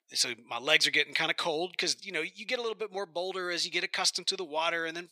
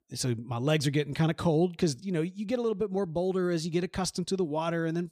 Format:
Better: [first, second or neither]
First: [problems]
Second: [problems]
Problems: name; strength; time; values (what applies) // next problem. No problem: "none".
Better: second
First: thin; very; fading below 600 Hz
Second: none